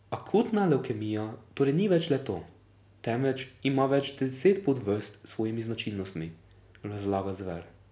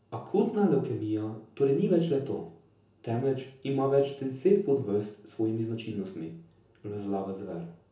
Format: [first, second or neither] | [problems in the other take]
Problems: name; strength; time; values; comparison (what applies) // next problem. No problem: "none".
first | room echo; dies away in 0.6 s